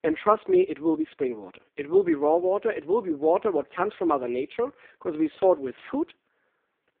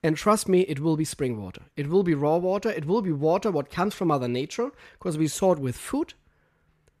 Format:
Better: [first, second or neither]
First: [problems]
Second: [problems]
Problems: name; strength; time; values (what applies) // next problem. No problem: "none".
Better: second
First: phone-call audio; poor line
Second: none